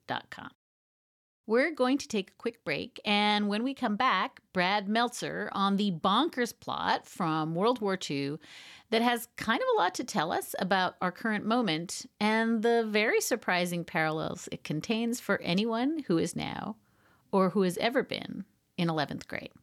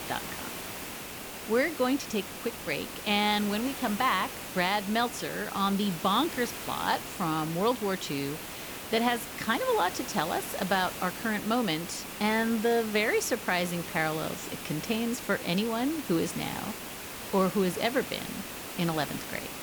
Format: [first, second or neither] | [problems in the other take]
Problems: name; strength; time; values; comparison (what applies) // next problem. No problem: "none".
first | hiss; loud; throughout; 8 dB below the speech